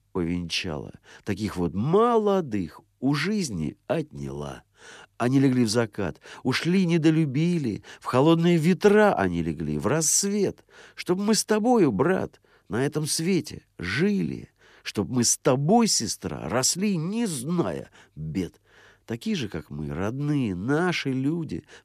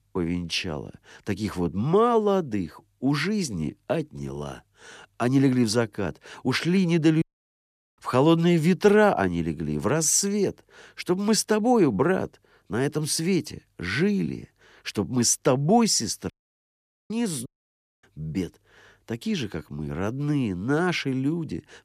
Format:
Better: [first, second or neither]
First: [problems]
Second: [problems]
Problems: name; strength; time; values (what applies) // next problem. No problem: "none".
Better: first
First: none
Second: audio cutting out; at 7 s for 1 s, at 16 s for 1 s and at 17 s for 0.5 s